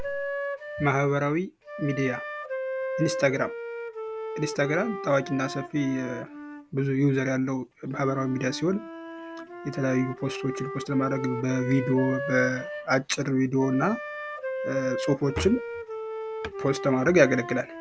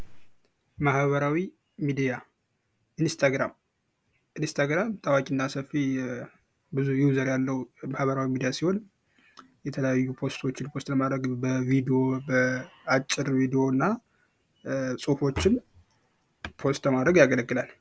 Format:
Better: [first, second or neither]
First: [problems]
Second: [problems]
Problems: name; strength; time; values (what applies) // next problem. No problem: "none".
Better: second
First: background sound (Wind instrument, woodwind instrument); 8 dB below the speech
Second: none